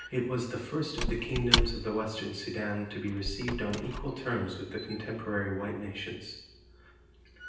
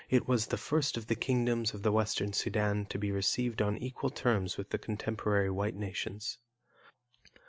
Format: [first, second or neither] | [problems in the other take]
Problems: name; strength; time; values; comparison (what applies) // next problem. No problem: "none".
second | background sound (Squeak / Wood); 2 dB below the speech // room echo; dies away in 0.9 s